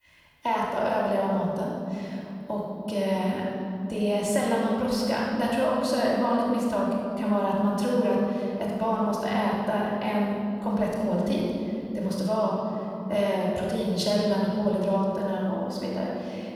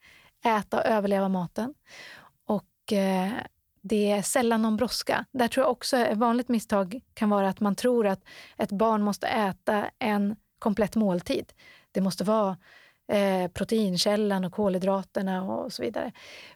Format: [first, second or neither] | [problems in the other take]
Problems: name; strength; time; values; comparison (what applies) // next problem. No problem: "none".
second | room echo; strong; dies away in 3 s // off-mic speech; far